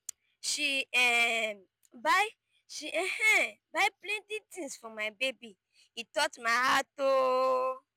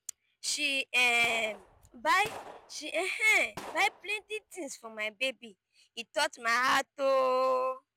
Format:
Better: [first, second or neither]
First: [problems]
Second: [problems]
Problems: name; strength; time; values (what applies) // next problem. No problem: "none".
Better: first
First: none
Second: background sound (Gunshot, gunfire); 17 dB below the speech